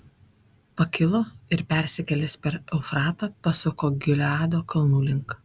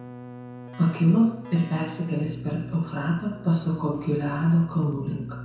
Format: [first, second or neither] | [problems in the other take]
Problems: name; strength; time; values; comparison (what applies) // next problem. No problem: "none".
first | background sound (Keyboard (musical)); 14 dB below the speech // room echo; dies away in 0.7 s